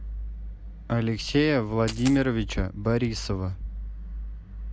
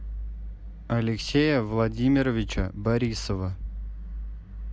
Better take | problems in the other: second | background sound (Coin (dropping)); 11 dB below the speech

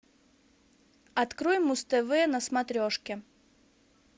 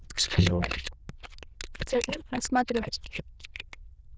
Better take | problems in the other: first | noise reduction (neural diffusion model UNIVERSE++)

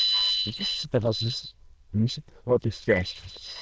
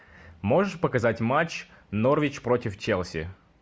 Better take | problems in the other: second | noise reduction (neural diffusion model UNIVERSE++)

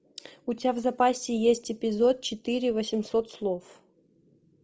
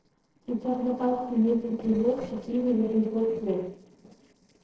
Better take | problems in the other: first | noise reduction (neural separator model SepFormer DNS4)

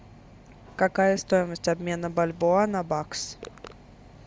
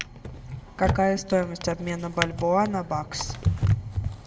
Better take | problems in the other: first | background sound (Drawer open or close); 2 dB below the speech // room echo; dies away in 1.2 s

